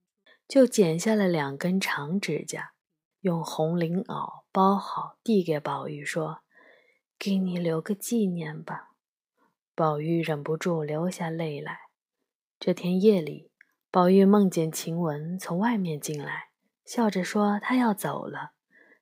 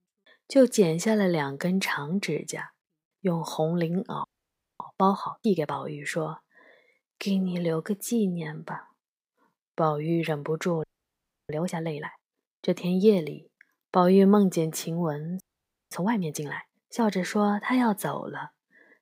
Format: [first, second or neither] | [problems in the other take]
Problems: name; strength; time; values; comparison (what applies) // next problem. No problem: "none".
first | audio freezing; at 4 s for 0.5 s, at 11 s for 0.5 s and at 15 s for 0.5 s